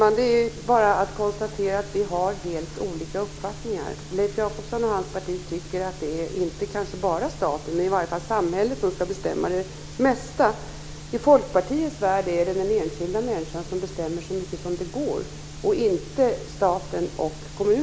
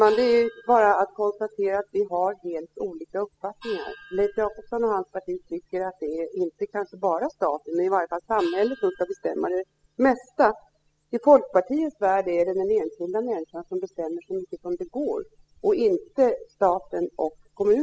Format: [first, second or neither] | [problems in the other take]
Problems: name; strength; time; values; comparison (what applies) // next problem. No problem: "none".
first | noise reduction (classical method spectral subtraction)